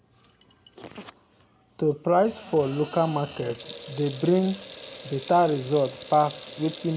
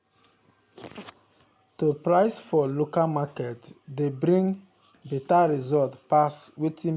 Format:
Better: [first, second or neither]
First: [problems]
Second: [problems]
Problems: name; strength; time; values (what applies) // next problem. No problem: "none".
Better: second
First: background sound (Sink (filling or washing) / Water tap, faucet); 17 dB below the speech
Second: none